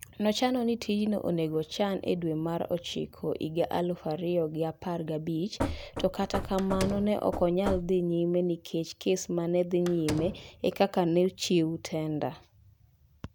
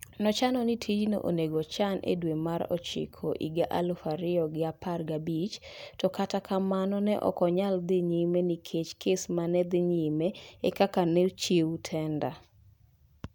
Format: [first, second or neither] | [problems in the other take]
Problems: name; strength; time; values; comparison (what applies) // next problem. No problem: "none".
second | background sound (Knock / Wood + Slam); 8 dB below the speech